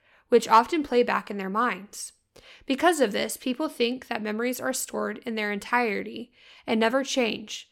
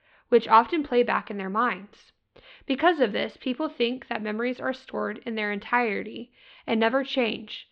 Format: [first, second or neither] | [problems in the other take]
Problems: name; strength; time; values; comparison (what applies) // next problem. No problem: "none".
first | muffled; slightly; fading above 4 kHz